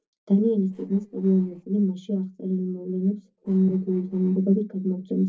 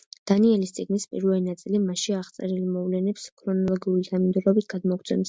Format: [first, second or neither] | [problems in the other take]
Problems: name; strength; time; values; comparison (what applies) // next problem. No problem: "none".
second | noise reduction (neural separator model SepFormer DNS4)